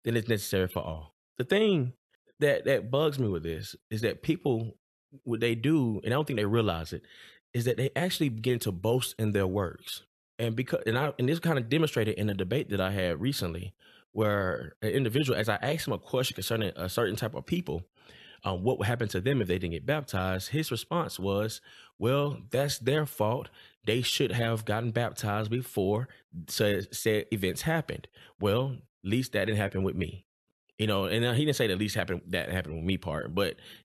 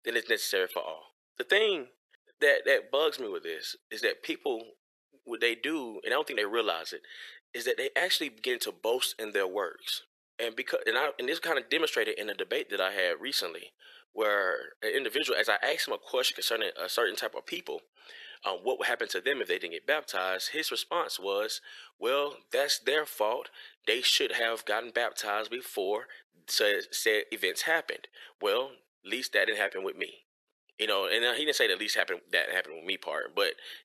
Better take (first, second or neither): first